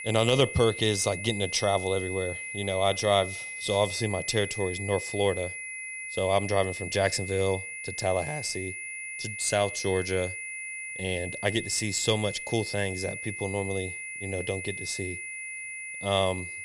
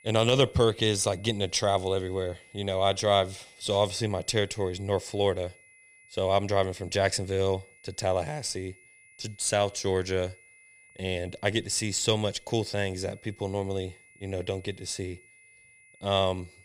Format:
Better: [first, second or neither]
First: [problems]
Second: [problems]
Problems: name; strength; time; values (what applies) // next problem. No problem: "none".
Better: second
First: high-pitched whine; loud; throughout; 2 kHz, 7 dB below the speech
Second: high-pitched whine; faint; throughout; 2 kHz, 25 dB below the speech